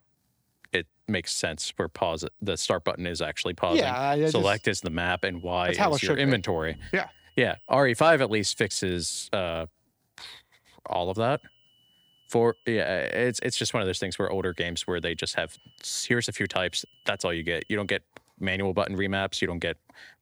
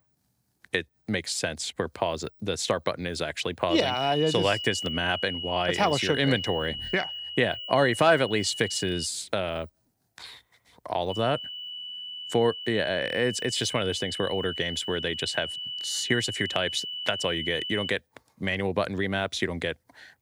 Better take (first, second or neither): first